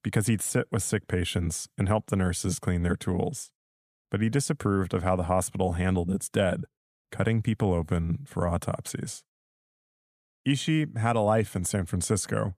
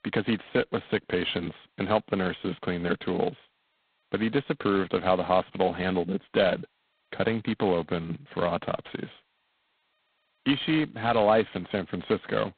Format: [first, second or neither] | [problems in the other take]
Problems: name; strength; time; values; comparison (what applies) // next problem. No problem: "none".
first | phone-call audio; poor line; nothing above 4 kHz